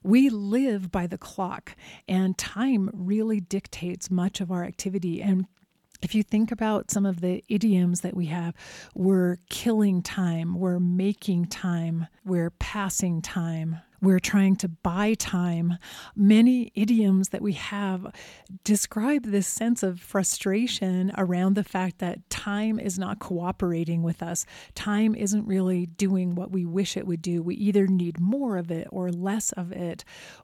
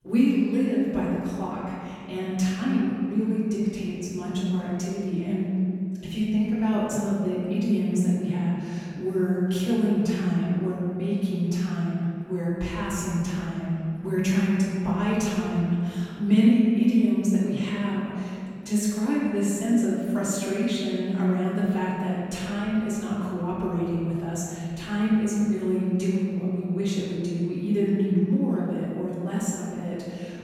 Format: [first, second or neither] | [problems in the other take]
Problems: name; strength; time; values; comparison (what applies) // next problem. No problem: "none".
first | room echo; strong; dies away in 2.3 s // off-mic speech; far